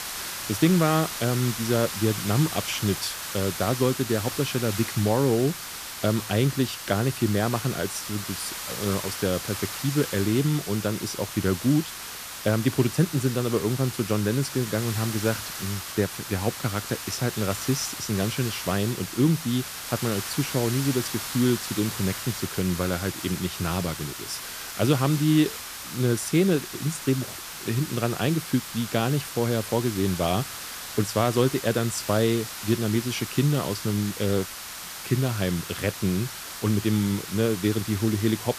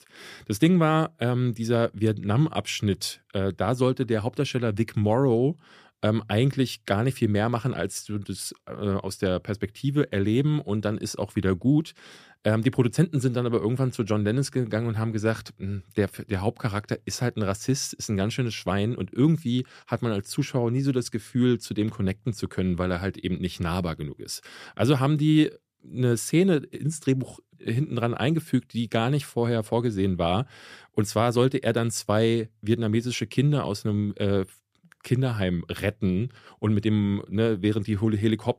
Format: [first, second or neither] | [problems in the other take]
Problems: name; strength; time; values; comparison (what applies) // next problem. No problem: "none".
second | hiss; loud; throughout; 7 dB below the speech